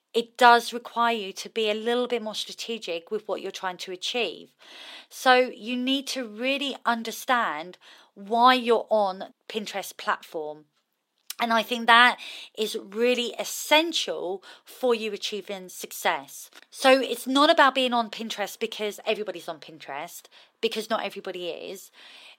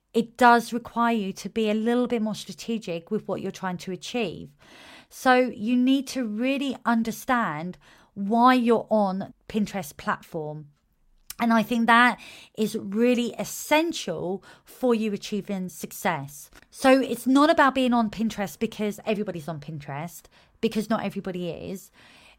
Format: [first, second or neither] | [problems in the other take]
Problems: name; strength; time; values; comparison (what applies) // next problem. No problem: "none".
second | thin; somewhat; fading below 350 Hz